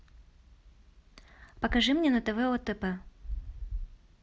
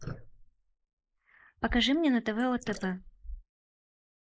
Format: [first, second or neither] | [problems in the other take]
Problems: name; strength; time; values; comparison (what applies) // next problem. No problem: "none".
first | noise reduction (neural mask model Resemble Enhance denoiser)